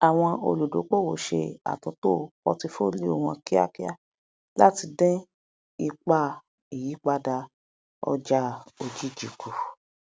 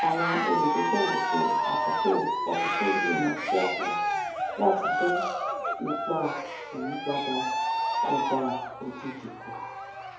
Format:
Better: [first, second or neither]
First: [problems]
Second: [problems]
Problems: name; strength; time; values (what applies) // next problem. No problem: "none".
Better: first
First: none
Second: background sound (Cheering); 2 dB above the speech // room echo; dies away in 2.2 s